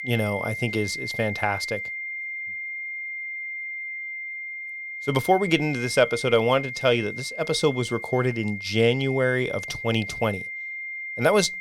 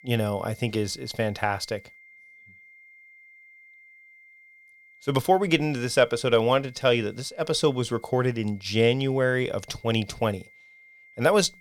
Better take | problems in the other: second | high-pitched whine; loud; throughout; 2 kHz, 7 dB below the speech; faint in the second

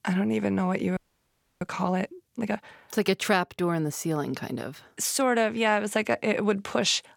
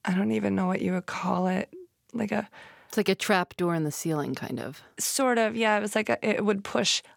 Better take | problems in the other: second | audio freezing; at 1 s for 0.5 s

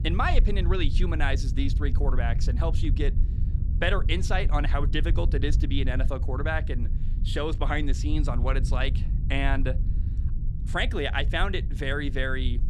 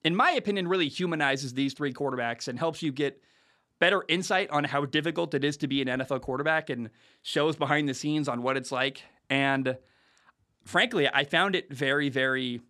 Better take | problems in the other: second | low rumble; noticeable; throughout; 15 dB below the speech

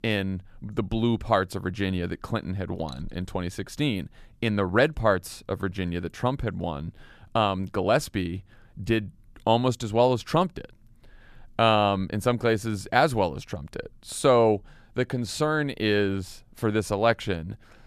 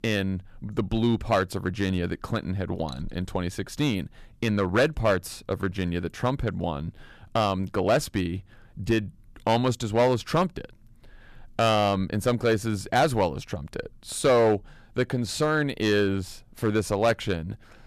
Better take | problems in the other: first | distortion; slight; 3% of the sound clipped

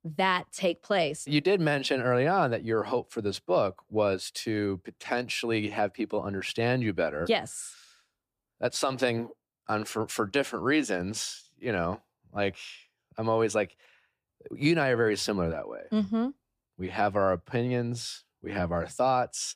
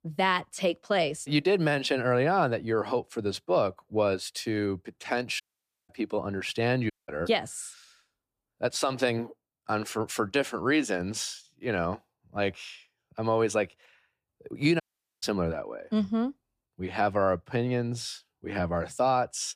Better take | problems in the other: first | audio cutting out; at 5.5 s, at 7 s and at 15 s

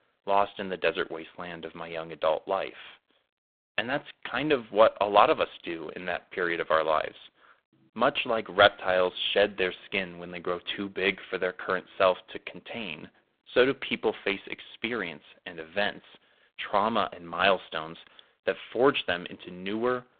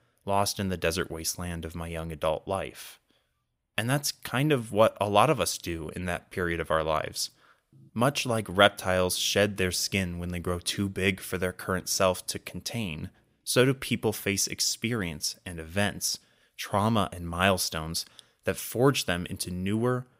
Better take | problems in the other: second | phone-call audio; poor line

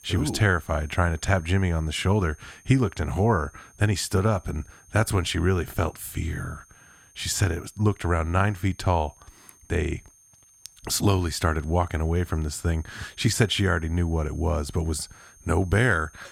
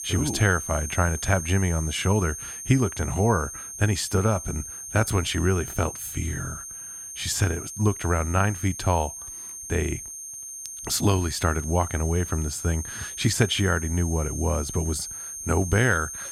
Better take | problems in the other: first | high-pitched whine; loud; throughout; 6.5 kHz, 8 dB below the speech; faint in the first

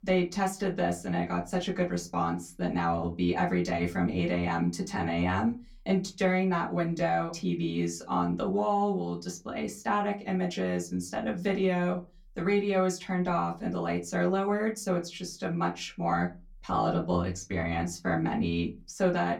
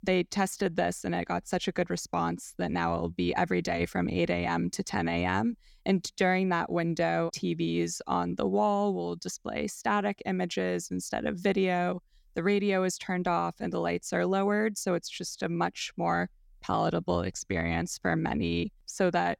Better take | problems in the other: second | off-mic speech; far // room echo; very slight; dies away in 0.2 s

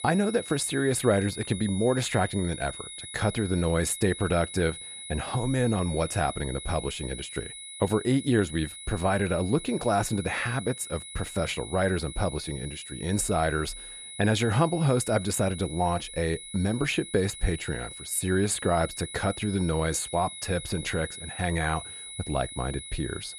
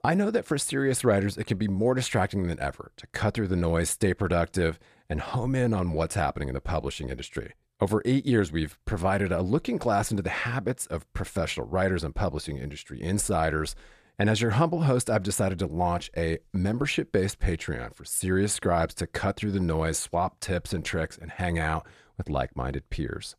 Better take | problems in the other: second | high-pitched whine; noticeable; throughout; 4 kHz, 10 dB below the speech

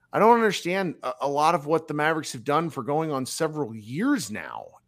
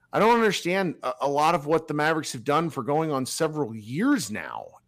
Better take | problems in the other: first | distortion; slight; 2% of the sound clipped

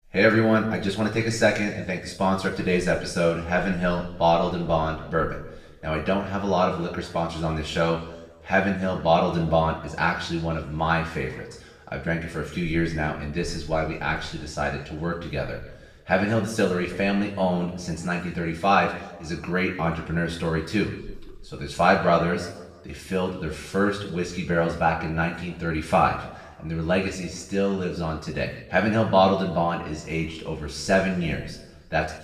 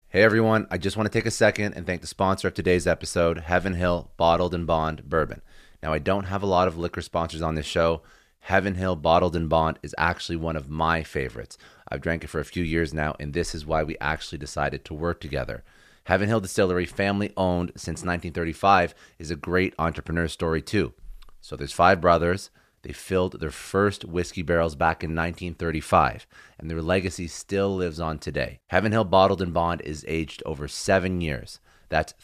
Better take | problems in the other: second | room echo; noticeable; dies away in 0.9 s // off-mic speech; far

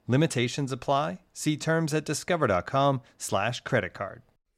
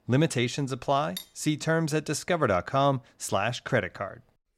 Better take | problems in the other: first | clattering dishes; faint; at 1 s; peak 15 dB below the speech

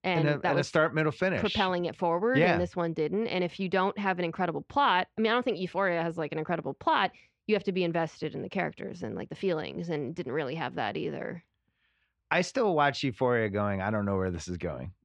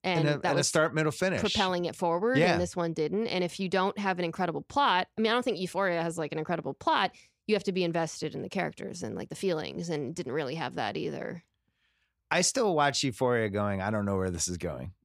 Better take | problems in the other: second | muffled; slightly; fading above 2.5 kHz

